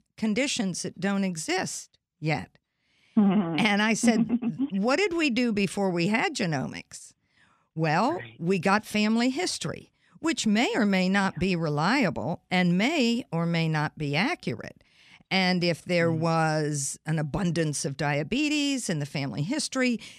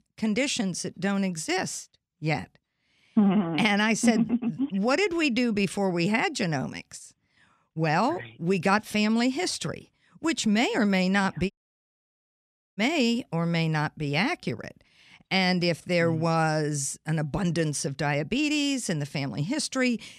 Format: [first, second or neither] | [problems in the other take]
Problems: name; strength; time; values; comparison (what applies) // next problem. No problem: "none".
first | audio cutting out; at 12 s for 1.5 s